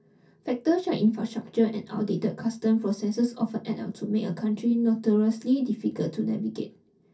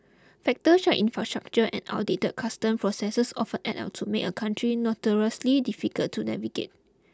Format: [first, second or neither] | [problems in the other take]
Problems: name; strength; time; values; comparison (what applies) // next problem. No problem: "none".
second | room echo; dies away in 0.3 s